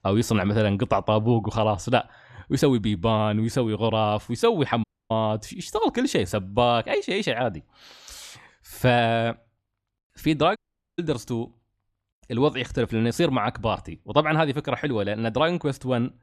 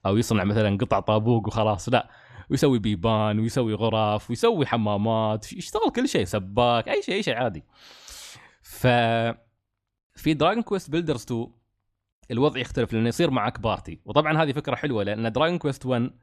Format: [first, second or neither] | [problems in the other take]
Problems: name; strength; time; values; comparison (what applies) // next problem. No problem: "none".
second | audio cutting out; at 5 s and at 11 s